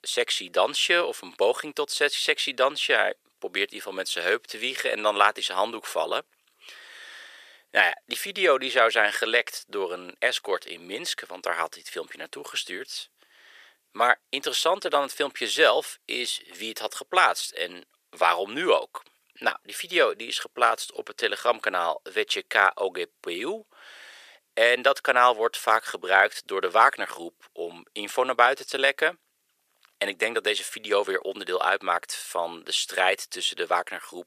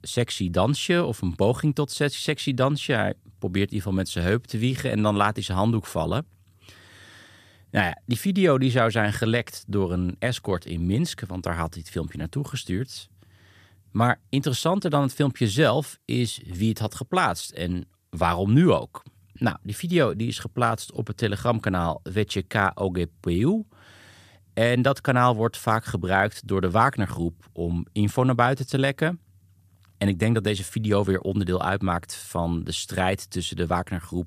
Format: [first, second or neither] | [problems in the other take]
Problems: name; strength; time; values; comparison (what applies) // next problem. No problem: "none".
second | thin; very; fading below 450 Hz